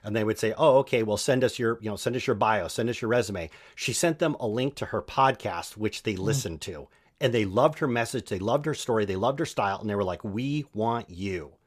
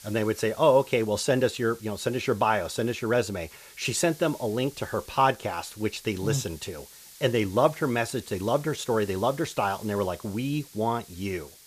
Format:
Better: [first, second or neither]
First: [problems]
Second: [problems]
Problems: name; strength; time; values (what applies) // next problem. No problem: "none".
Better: first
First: none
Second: hiss; noticeable; throughout; 20 dB below the speech